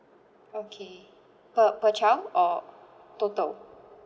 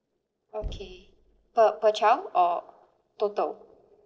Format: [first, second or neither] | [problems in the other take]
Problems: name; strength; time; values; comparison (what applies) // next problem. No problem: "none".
first | noise reduction (neural separator model SepFormer DNS4)